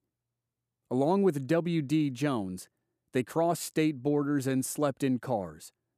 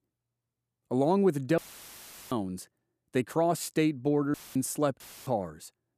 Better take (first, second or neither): first